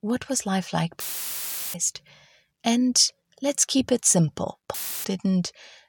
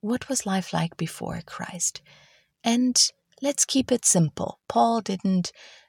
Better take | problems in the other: second | audio cutting out; filled with static; at 1 s for 0.5 s and at 4.5 s

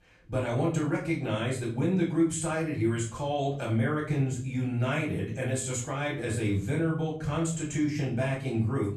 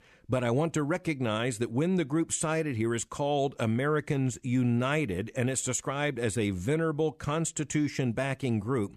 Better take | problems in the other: second | off-mic speech; far // room echo; slight; dies away in 0.5 s

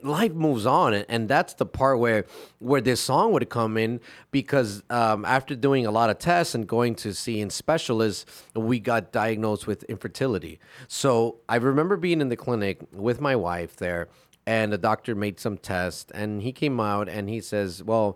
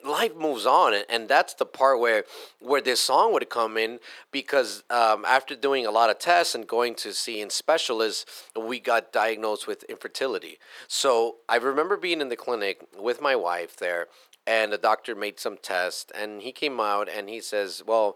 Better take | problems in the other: first | thin; very; fading below 450 Hz

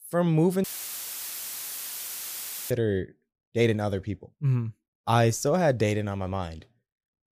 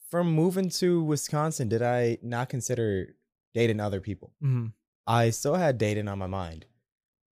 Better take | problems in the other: second | audio cutting out; filled with static; at 0.5 s for 2 s

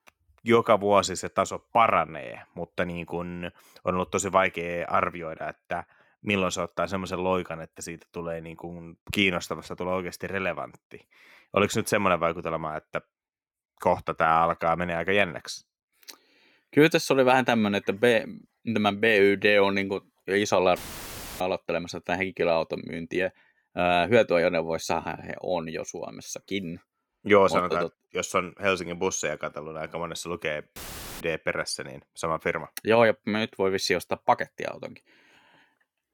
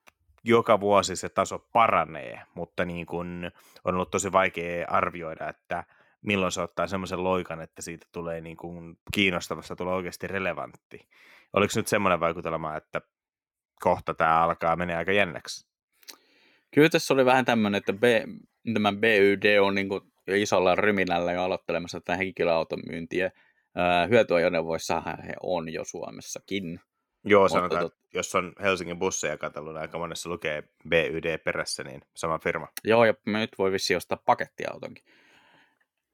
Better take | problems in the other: second | audio cutting out; filled with static; at 21 s for 0.5 s and at 31 s

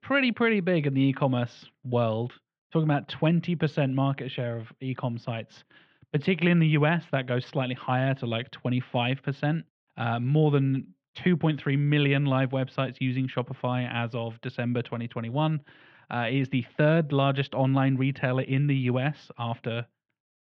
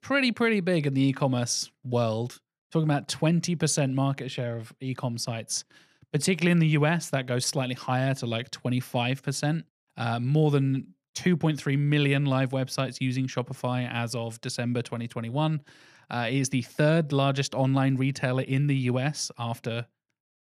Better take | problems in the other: second | muffled; very; fading above 3.5 kHz

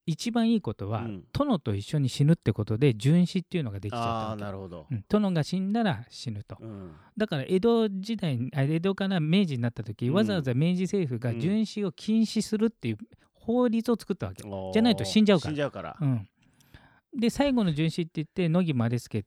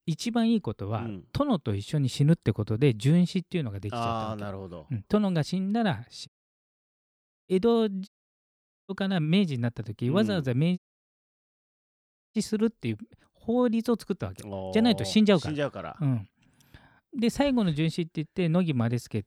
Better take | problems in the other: first | audio cutting out; at 6.5 s for 1 s, at 8 s for 1 s and at 11 s for 1.5 s

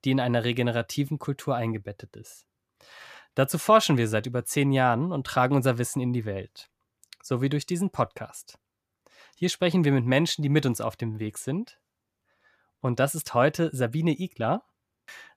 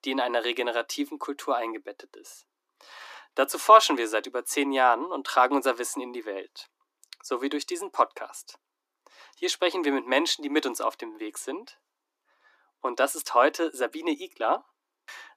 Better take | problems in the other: first | thin; somewhat; fading below 300 Hz

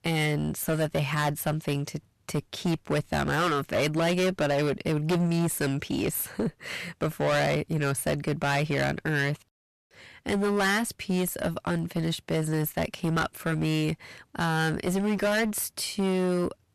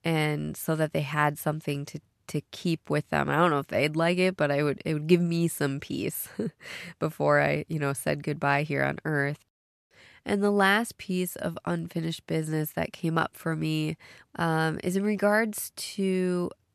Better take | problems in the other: second | distortion; heavy; 18% of the sound clipped

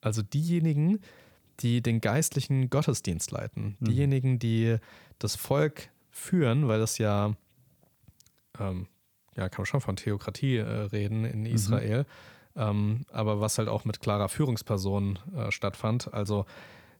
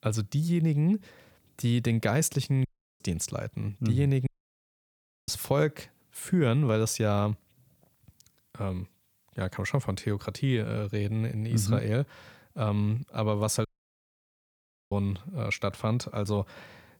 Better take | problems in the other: first | audio cutting out; at 2.5 s, at 4.5 s for 1 s and at 14 s for 1.5 s

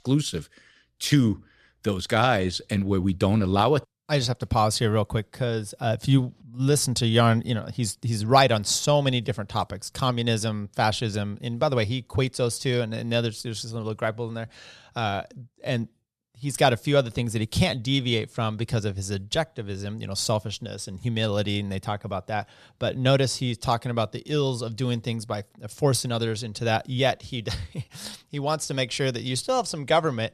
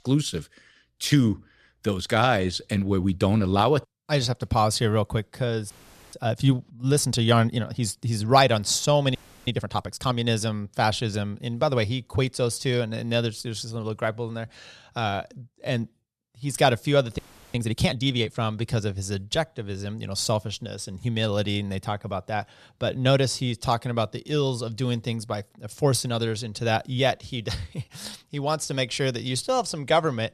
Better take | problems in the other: first | audio freezing; at 5.5 s, at 9 s and at 17 s

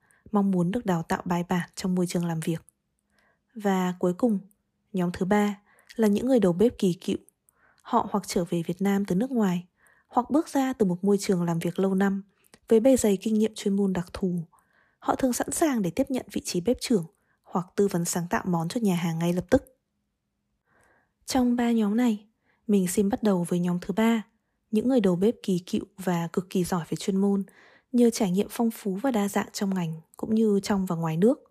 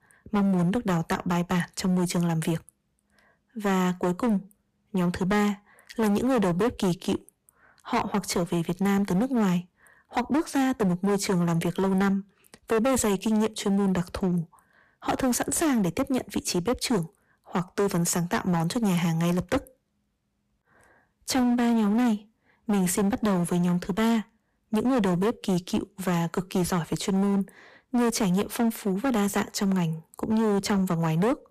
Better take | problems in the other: first | distortion; heavy; 16% of the sound clipped

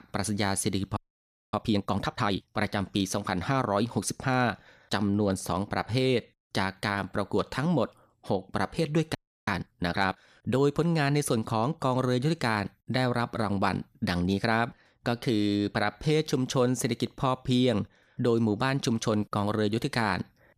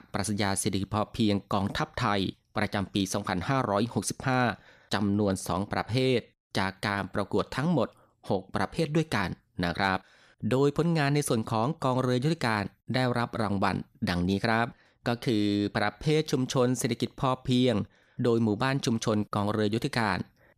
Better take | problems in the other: second | audio freezing; at 1 s for 0.5 s and at 9 s

